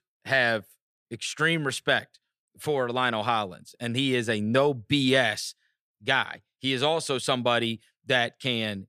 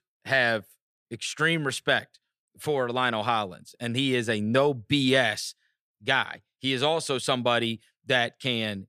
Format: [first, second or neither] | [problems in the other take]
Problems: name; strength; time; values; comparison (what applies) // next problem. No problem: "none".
neither | none